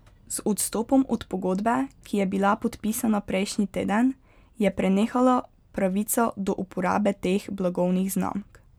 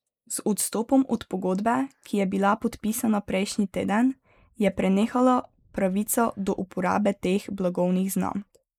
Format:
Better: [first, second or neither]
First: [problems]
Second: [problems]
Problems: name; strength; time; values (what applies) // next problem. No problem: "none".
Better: first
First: none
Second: noise reduction (neural mask model Resemble Enhance denoiser)